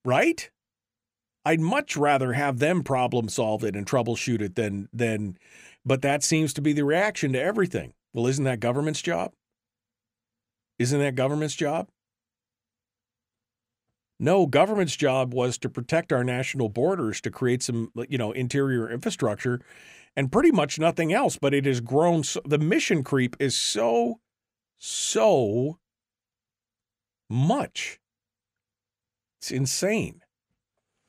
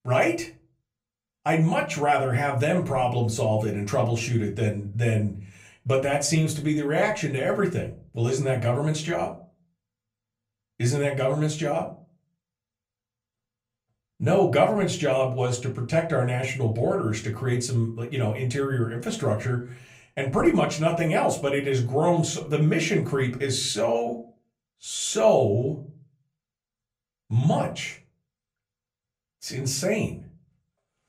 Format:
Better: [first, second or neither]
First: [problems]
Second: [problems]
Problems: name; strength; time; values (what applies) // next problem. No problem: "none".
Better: first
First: none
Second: off-mic speech; far // room echo; very slight; dies away in 0.3 s